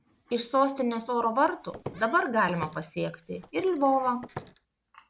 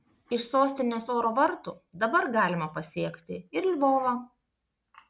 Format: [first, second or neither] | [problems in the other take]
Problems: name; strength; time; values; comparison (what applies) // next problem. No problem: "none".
second | background sound (Walk, footsteps); 17 dB below the speech